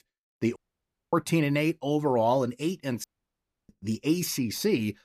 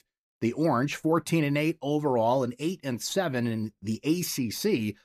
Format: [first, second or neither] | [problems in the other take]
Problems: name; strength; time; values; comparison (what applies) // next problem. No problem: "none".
second | audio cutting out; at 0.5 s for 0.5 s and at 3 s for 0.5 s